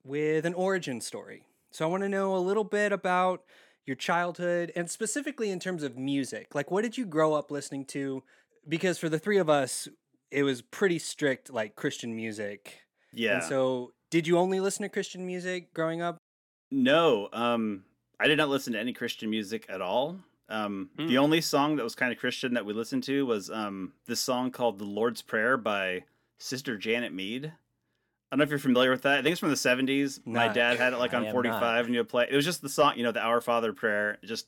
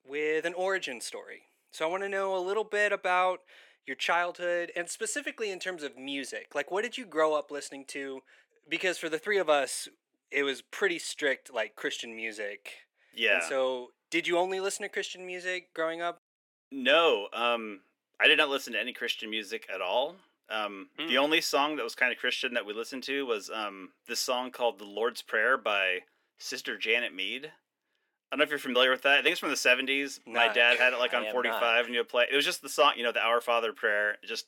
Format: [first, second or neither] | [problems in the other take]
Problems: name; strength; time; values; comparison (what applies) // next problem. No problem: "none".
first | thin; somewhat; fading below 450 Hz